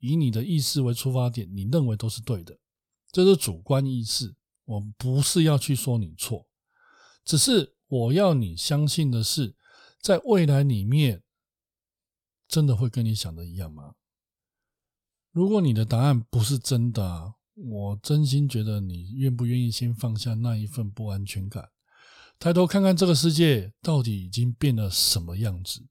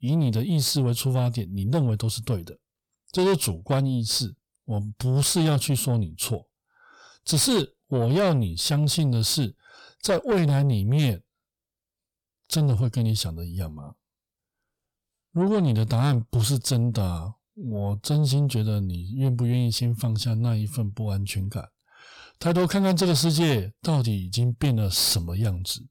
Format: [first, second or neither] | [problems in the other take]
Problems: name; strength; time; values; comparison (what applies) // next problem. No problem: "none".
first | distortion; slight; 10 dB below the speech